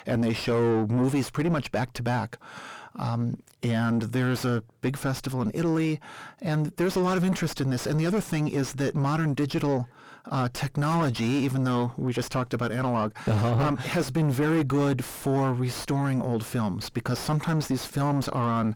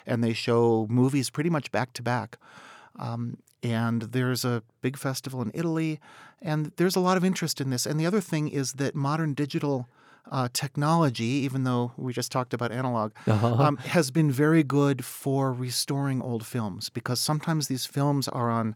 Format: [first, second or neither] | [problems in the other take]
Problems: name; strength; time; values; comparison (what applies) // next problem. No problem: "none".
second | distortion; heavy; 5 dB below the speech